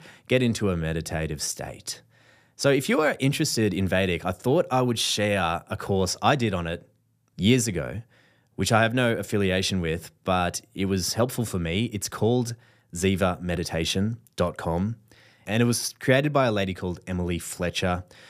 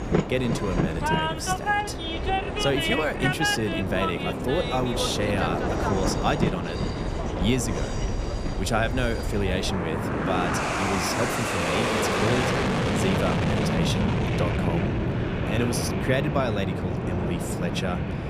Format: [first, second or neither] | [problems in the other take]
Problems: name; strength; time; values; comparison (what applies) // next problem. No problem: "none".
first | train or aircraft noise; very loud; throughout; 2 dB above the speech